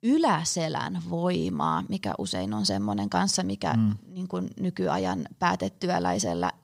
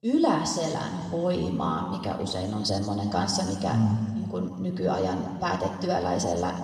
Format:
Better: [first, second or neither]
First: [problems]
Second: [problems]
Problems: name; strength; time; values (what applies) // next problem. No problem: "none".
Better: first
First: none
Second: room echo; noticeable; dies away in 1.6 s // off-mic speech; somewhat distant